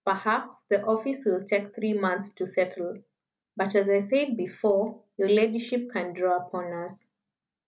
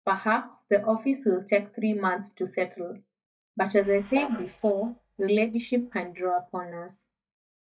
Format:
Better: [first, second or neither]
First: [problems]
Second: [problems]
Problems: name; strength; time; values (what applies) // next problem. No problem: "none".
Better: first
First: none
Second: noise reduction (neural mask model DeepFilterNet 3)